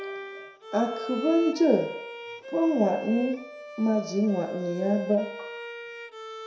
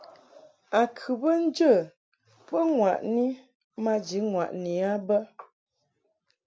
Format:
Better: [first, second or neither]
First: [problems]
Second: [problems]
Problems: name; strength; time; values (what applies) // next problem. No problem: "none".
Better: second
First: background sound (Bowed string instrument); 10 dB below the speech // room echo; dies away in 0.6 s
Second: none